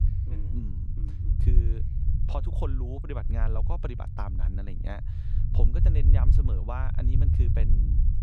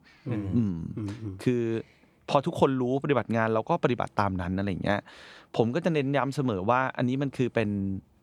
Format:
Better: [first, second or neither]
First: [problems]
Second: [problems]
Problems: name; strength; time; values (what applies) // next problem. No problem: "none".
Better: second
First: low rumble; loud; throughout; 3 dB below the speech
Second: none